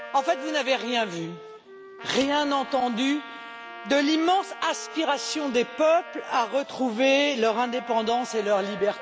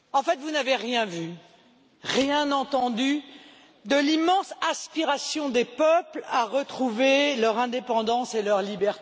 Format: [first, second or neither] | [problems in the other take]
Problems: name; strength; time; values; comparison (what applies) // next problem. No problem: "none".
second | background sound (Wind instrument, woodwind instrument + Trumpet); 14 dB below the speech